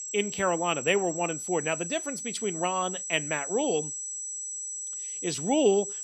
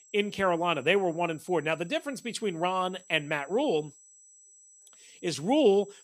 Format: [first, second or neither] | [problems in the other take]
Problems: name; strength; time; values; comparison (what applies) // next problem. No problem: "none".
second | high-pitched whine; loud; throughout; 7.5 kHz, 5 dB below the speech; faint in the second